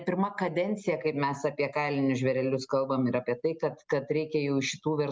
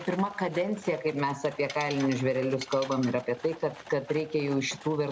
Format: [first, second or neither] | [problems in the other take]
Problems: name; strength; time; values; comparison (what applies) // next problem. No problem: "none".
first | background sound (Livestock, farm animals, working animals + Tools); 16 dB below the speech